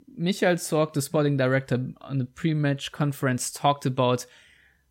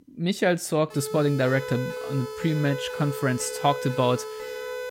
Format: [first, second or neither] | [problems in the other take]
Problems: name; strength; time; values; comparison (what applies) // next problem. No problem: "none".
first | siren; noticeable; from 1 s on; peak 7 dB below the speech